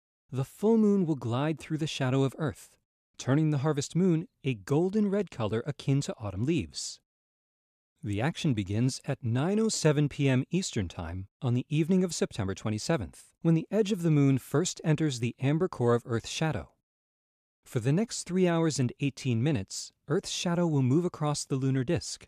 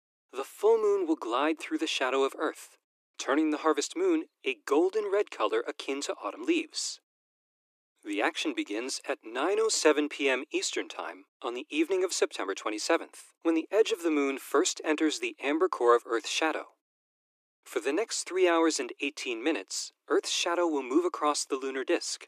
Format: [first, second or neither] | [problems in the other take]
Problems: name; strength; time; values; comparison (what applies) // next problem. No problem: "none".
first | thin; very; fading below 300 Hz